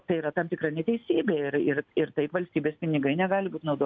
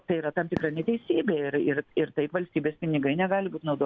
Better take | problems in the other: first | background sound (Fireworks); 18 dB below the speech

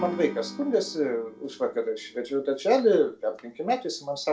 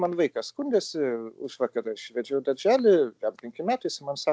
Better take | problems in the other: second | background sound (Acoustic guitar / Strum); 18 dB below the speech // room echo; dies away in 0.3 s

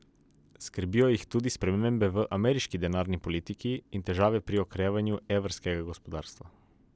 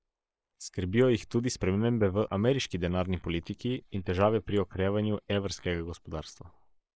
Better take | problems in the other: first | noise reduction (neural mask model Resemble Enhance denoiser)

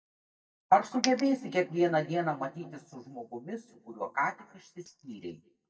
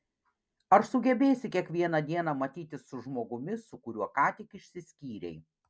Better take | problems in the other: second | noise reduction (neural mask model DeepFilterNet 3)

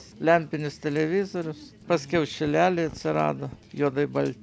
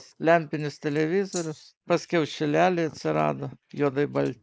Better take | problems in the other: first | noise reduction (neural mask model Resemble Enhance denoiser)

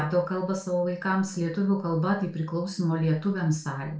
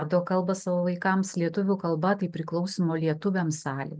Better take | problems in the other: second | room echo; dies away in 0.3 s

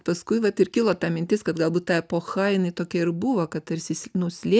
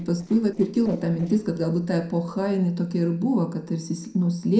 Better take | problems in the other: first | noise reduction (neural separator model SepFormer DNS4)

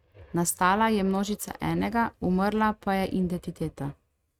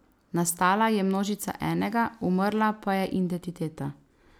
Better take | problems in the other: second | noise reduction (neural mask model RNNoise)

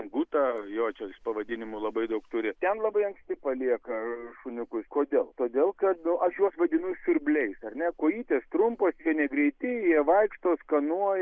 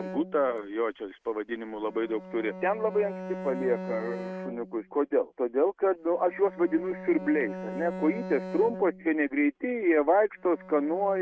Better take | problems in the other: first | noise reduction (neural mask model RNNoise)

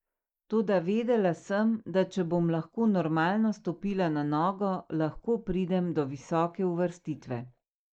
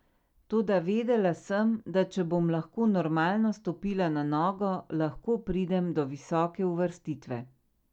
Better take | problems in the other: second | noise reduction (neural mask model Resemble Enhance denoiser)

